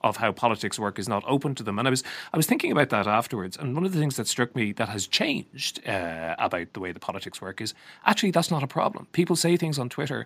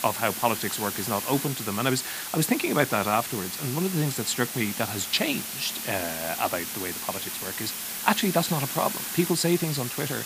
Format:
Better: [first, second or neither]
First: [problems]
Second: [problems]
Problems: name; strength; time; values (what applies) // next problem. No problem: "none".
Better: first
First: none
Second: hiss; loud; throughout; 4 dB below the speech